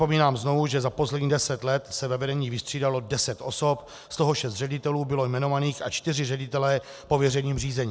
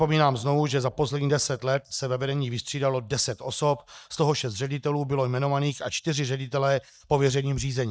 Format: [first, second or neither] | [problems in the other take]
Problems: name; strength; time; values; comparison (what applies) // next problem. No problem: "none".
first | noise reduction (neural mask model DeepFilterNet 3)